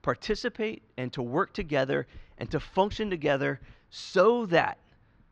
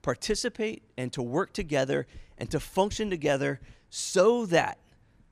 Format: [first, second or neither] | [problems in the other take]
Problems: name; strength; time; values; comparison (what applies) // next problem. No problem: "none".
second | muffled; very slightly; fading above 4.5 kHz